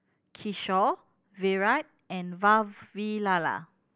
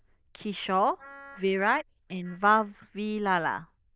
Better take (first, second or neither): first